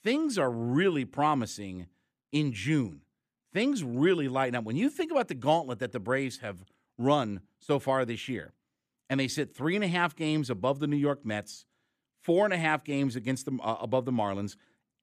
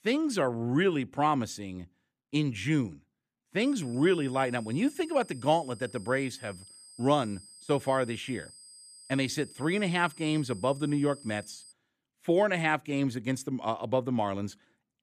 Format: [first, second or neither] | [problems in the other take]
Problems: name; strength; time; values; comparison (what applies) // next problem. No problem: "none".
first | high-pitched whine; noticeable; from 3.5 to 12 s; 8 kHz, 20 dB below the speech